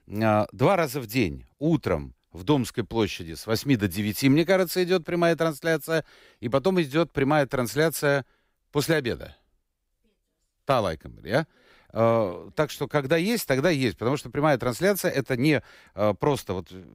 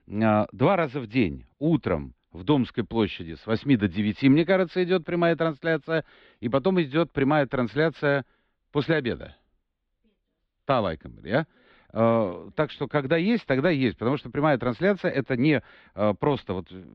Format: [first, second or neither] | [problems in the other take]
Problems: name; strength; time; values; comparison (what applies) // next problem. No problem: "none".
first | muffled; slightly; fading above 3.5 kHz